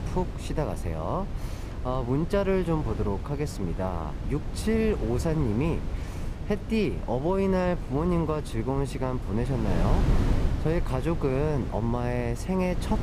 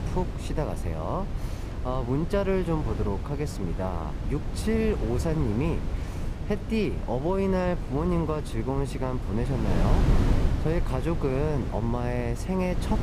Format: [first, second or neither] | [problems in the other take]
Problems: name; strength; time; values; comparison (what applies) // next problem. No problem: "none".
first | wind noise on the microphone; heavy; 8 dB below the speech; occasional gusts in the first